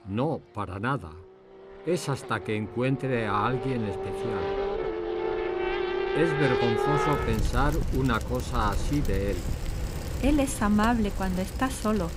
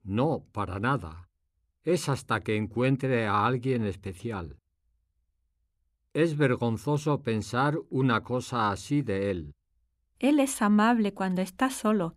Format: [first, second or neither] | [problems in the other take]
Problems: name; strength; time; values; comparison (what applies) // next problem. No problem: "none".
second | traffic noise; loud; throughout; 2 dB below the speech